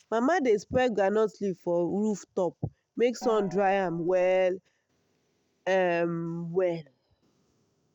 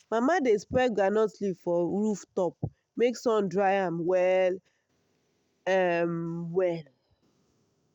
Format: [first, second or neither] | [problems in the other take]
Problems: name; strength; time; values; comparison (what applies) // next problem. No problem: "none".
second | background sound (Gong); 14 dB below the speech